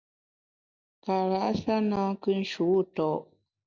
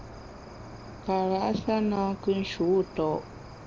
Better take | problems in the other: first | background sound (Cricket); 14 dB below the speech

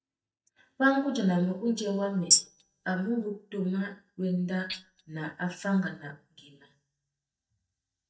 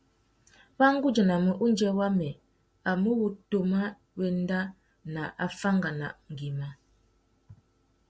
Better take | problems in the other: second | noise reduction (neural mask model DeepFilterNet 3)

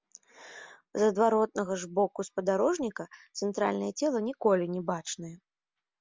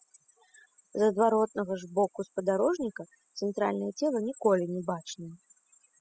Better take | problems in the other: first | noise reduction (classical method spectral subtraction)

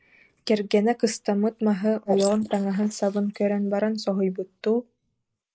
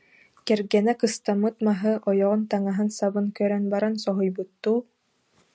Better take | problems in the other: second | noise reduction (neural mask model Resemble Enhance denoiser)

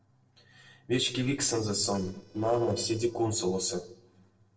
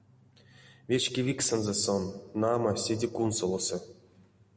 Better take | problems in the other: second | noise reduction (neural separator model SepFormer DNS4)

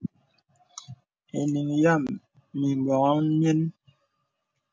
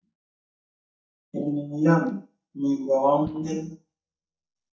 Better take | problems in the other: first | noise reduction (neural mask model DeepFilterNet 3)

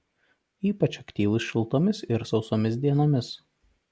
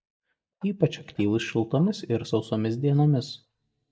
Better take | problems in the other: first | noise reduction (neural mask model DeepFilterNet 3)

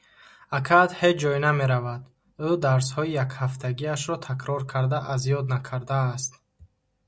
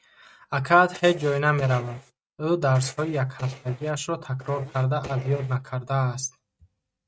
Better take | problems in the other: first | noise reduction (neural mask model RNNoise)

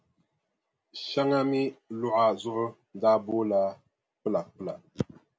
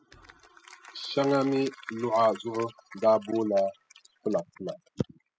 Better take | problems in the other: first | noise reduction (classical method spectral subtraction)

